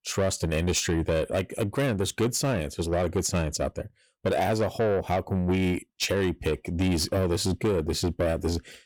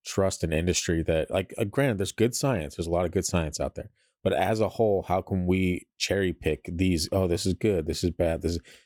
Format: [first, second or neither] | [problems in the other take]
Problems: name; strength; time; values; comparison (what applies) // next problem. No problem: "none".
second | distortion; slight; 10 dB below the speech